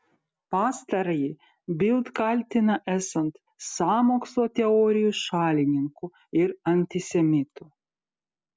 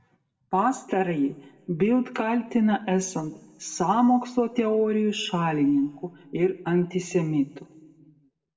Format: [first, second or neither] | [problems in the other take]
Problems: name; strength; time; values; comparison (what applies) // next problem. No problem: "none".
first | room echo; dies away in 1 s